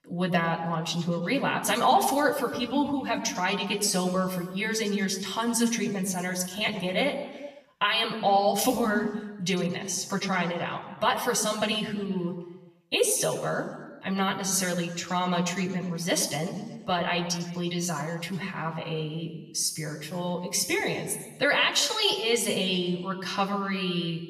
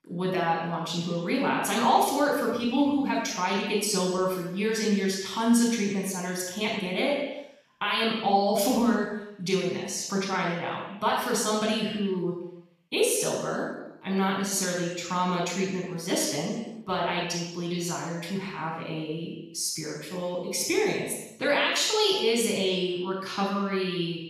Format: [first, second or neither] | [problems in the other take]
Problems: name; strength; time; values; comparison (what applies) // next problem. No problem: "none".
first | room echo; strong; dies away in 0.9 s; slight in the first // off-mic speech; far; somewhat distant in the first